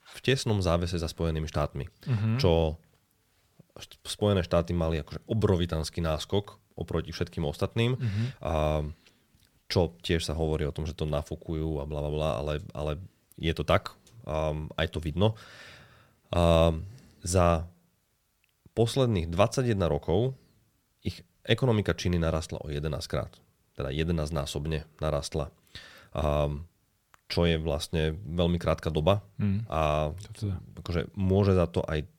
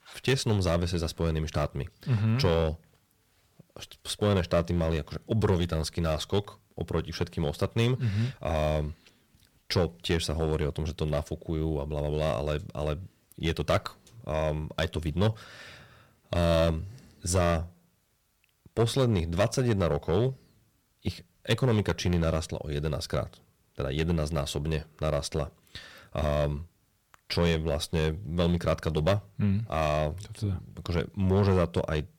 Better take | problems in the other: first | distortion; slight; 3% of the sound clipped

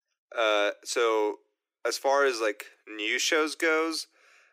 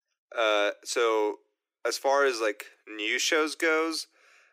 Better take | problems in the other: neither | thin; very; fading below 300 Hz; the same in both

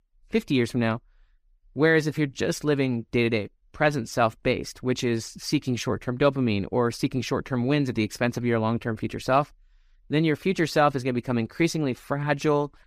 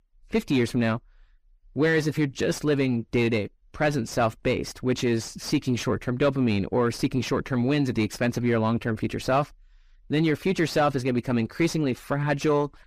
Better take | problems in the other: first | distortion; slight; 10 dB below the speech

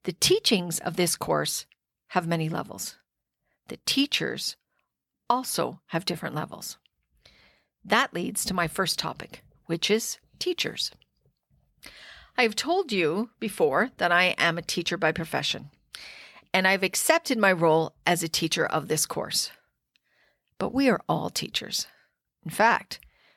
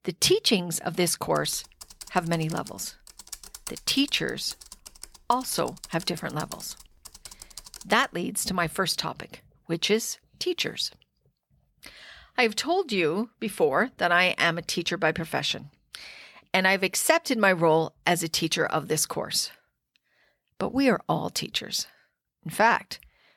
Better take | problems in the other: first | keyboard typing; faint; from 1.5 to 8 s; peak 10 dB below the speech

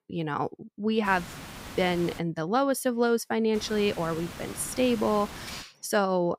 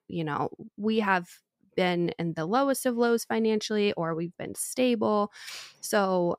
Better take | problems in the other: second | hiss; noticeable; from 1 to 2 s and from 3.5 to 5.5 s; 15 dB below the speech

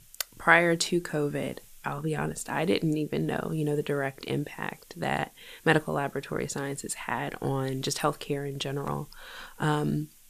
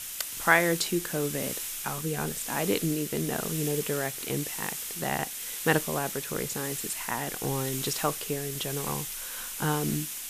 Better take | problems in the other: first | hiss; loud; throughout; 3 dB below the speech; faint in the first

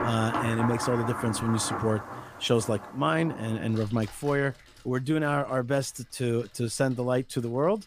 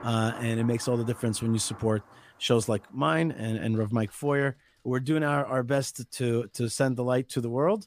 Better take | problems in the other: second | rain or running water; loud; throughout; 7 dB below the speech; faint in the second

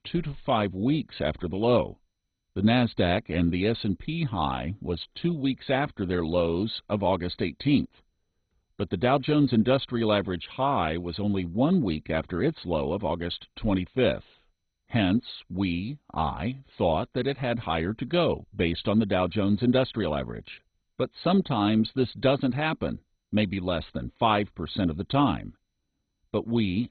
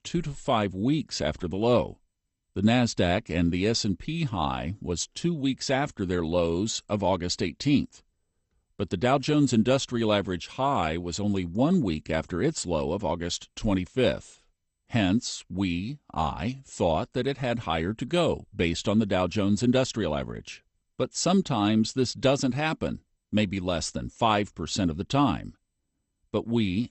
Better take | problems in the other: second | garbled, watery; badly; nothing above 4 kHz; slightly in the second

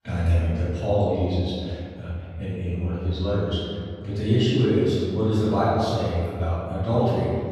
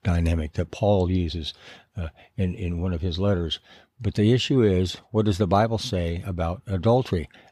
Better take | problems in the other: second | off-mic speech; far // room echo; strong; dies away in 1.9 s

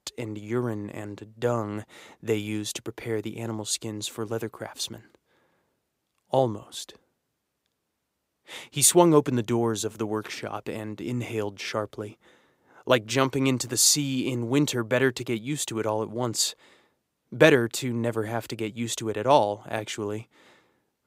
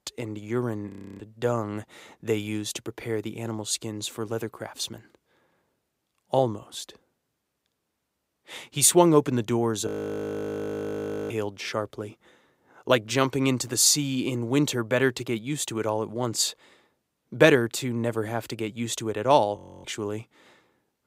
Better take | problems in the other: first | audio freezing; at 1 s, at 10 s for 1.5 s and at 20 s

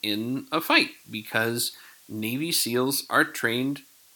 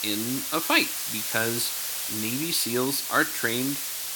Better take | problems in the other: first | hiss; loud; throughout; 2 dB below the speech; faint in the first

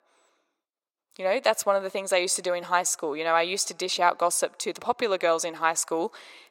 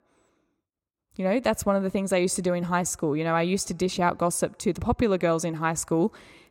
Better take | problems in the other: second | thin; very; fading below 600 Hz

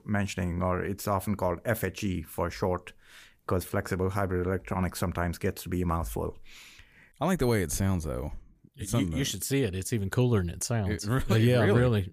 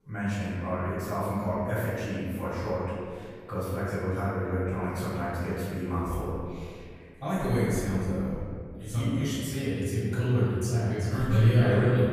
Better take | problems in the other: first | off-mic speech; far // room echo; strong; dies away in 2.1 s

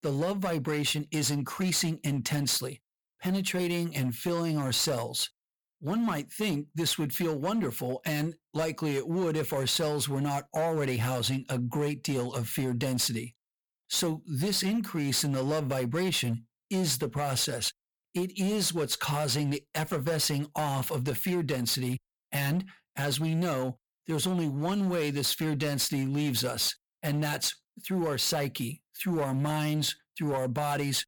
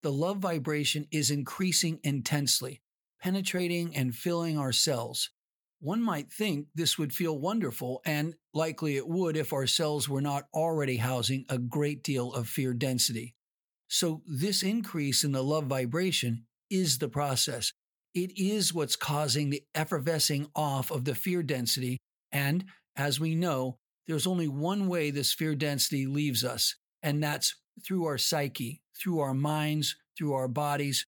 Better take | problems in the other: second | distortion; slight; 11% of the sound clipped

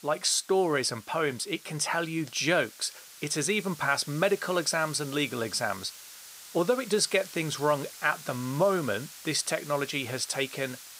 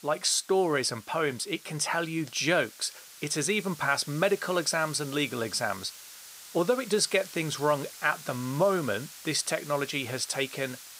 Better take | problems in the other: neither | hiss; noticeable; throughout; 15 dB below the speech; the same in both

